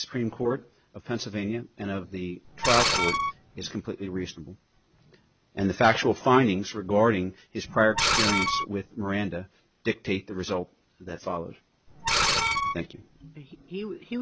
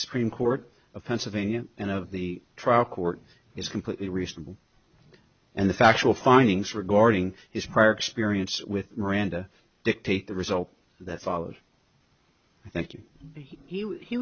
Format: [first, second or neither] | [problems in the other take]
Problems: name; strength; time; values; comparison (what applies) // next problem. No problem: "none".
second | background sound (Screech); 2 dB above the speech